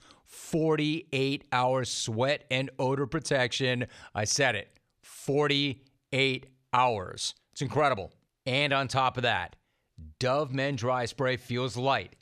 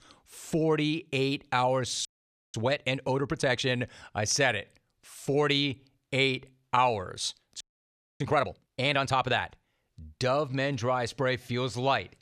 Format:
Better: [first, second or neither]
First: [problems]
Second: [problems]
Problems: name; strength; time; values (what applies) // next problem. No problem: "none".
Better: first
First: none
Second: audio freezing; at 2 s and at 7.5 s for 0.5 s